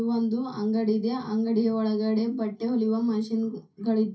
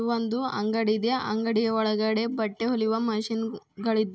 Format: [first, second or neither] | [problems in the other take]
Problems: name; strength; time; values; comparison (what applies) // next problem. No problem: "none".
second | room echo; dies away in 0.3 s